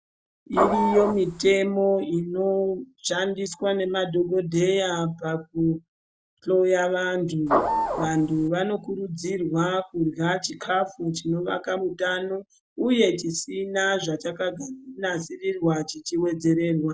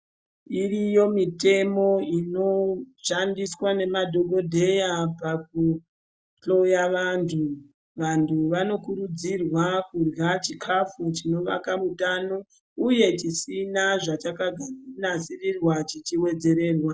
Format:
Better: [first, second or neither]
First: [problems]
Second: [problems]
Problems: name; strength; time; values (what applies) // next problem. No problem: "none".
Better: second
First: background sound (Printer / Engine); as loud as the speech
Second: none